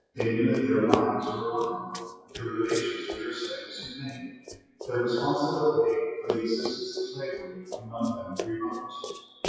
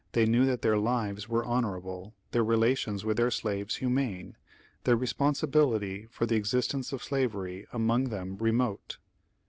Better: second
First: noise reduction (classical method WPE with log-MMSE)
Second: none

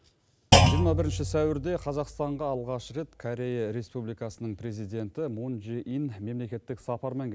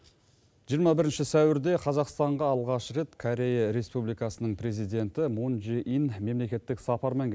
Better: second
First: background sound (Thump, thud); 4 dB above the speech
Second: none

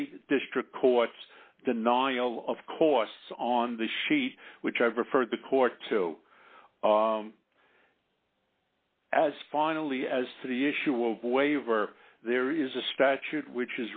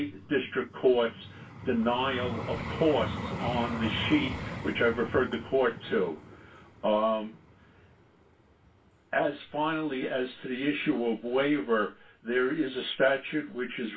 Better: first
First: none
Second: background sound (Vehicle); 11 dB below the speech // room echo; dies away in 0.1 s

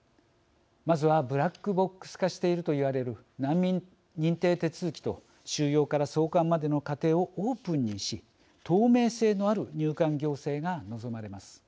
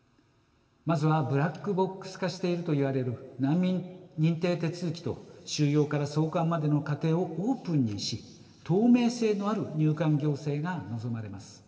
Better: first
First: none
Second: room echo; dies away in 3 s

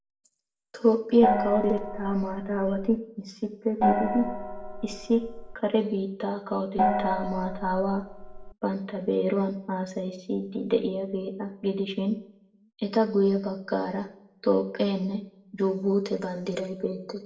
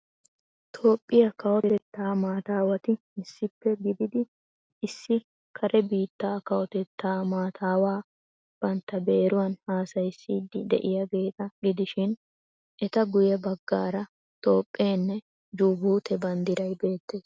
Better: second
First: background sound (Gong); 2 dB below the speech // room echo; dies away in 0.5 s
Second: none

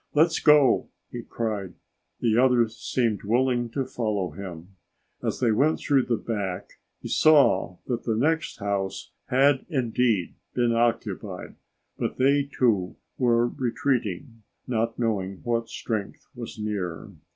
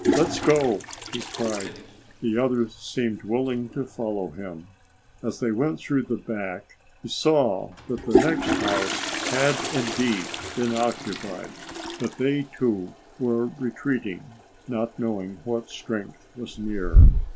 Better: first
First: none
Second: background sound (Toilet flush); as loud as the speech

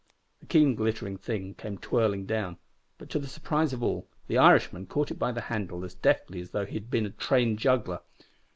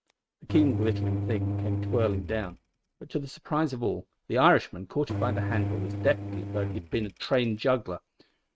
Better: first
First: none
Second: noise reduction (neural mask model RNNoise)

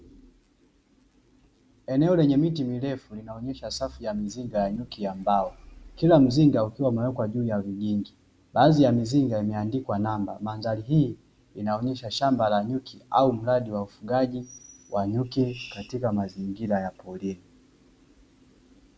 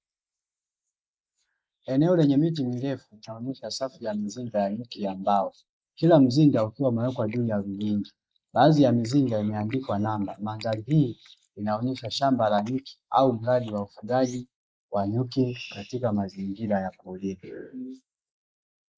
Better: first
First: none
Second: noise reduction (neural mask model Resemble Enhance denoiser)

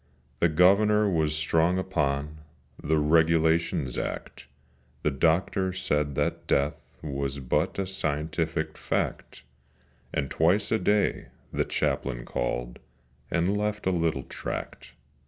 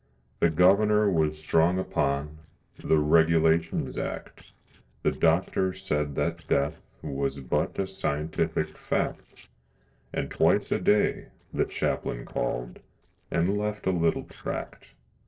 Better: first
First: none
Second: noise reduction (neural separator model SepFormer DNS4)

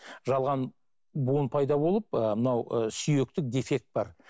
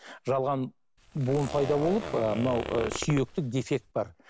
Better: first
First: none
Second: background sound (Zipper (clothing)); 9 dB below the speech

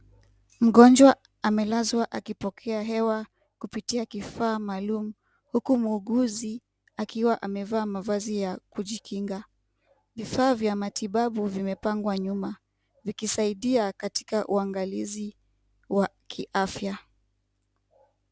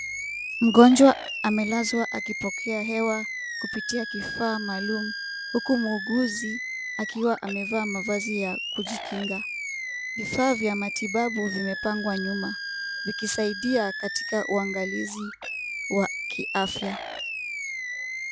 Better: first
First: none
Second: background sound (Animal); 7 dB below the speech

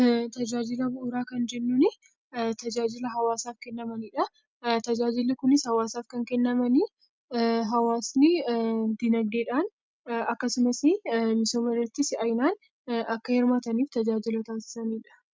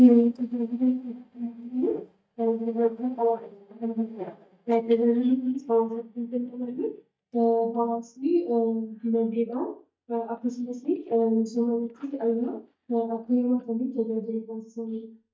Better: first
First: none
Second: noise reduction (neural mask model DeepFilterNet 3)

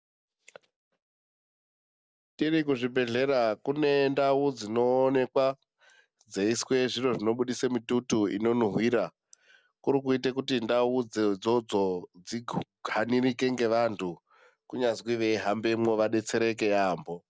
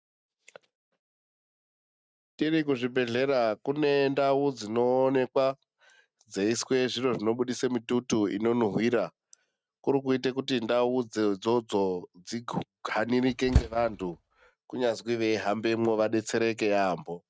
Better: first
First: none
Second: noise reduction (neural mask model RNNoise)

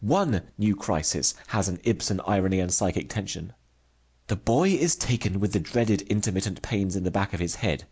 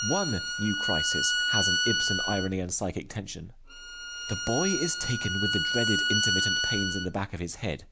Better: first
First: none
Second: background sound (Bowed string instrument); 1 dB above the speech

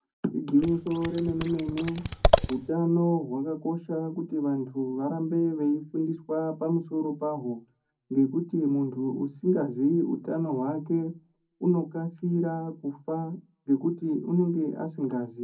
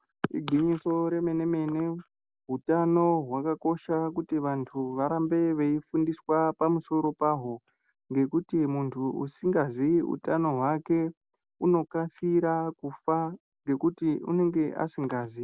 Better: second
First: background sound (Scissors); as loud as the speech // room echo; dies away in 0.4 s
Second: none

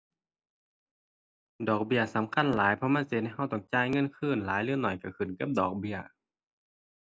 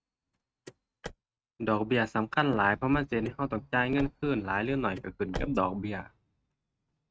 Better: first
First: none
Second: noise reduction (neural mask model RNNoise)

